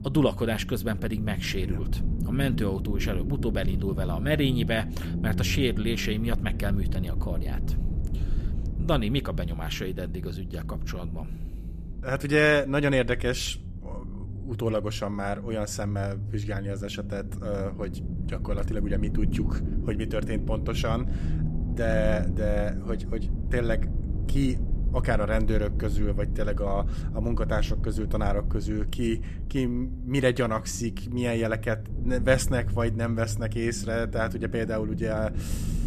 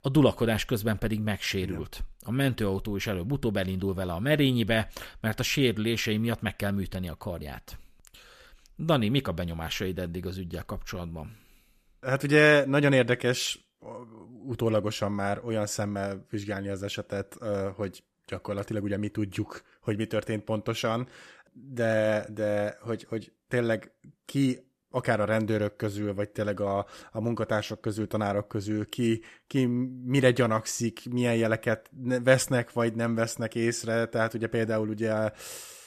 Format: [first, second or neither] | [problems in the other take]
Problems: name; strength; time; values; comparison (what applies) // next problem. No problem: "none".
second | low rumble; noticeable; throughout; 15 dB below the speech